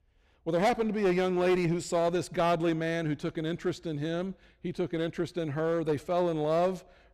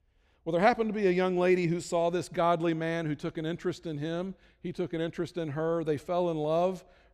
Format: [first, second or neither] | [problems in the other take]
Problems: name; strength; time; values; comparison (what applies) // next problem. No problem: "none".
second | distortion; slight; 8% of the sound clipped